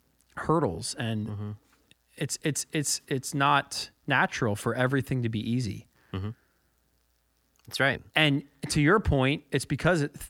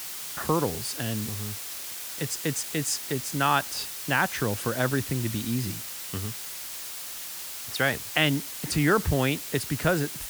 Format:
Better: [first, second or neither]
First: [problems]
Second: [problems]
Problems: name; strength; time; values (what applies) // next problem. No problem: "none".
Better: first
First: none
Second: hiss; loud; throughout; 5 dB below the speech